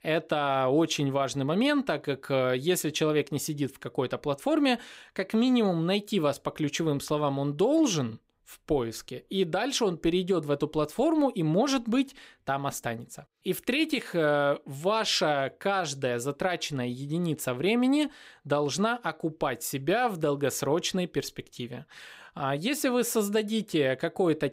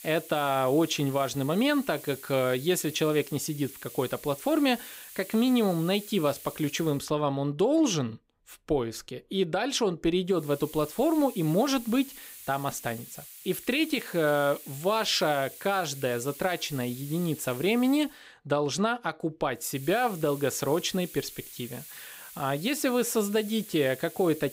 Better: first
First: none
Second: hiss; noticeable; until 7 s, from 10 to 18 s and from 20 s on; 15 dB below the speech

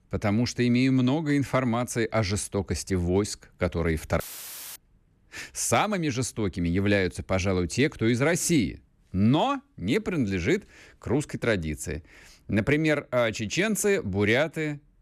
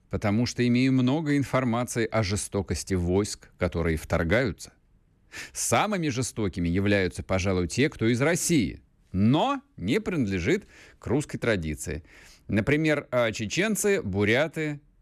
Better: second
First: audio cutting out; filled with static; at 4 s for 0.5 s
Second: none

